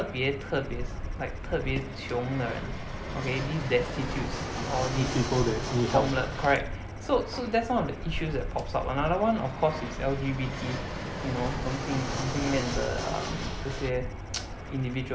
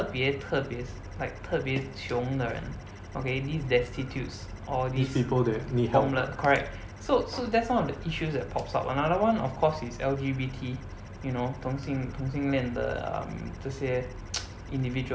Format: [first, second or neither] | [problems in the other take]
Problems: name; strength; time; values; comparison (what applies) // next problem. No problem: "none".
second | background sound (Fixed-wing aircraft, airplane); 5 dB below the speech